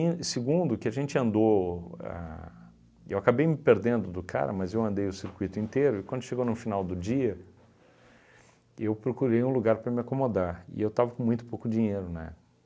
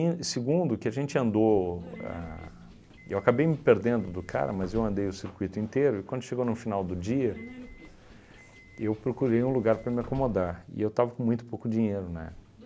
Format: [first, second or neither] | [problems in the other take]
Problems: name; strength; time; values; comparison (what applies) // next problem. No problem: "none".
first | background sound (Subway, metro, underground); 20 dB below the speech